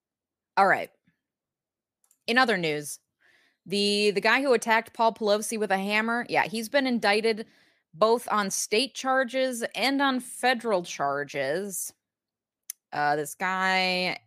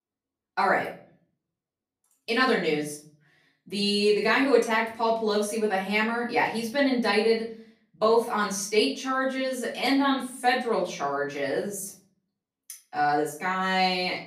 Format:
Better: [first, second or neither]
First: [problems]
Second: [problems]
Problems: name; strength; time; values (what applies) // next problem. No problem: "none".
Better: first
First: none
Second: room echo; slight; dies away in 0.4 s // off-mic speech; far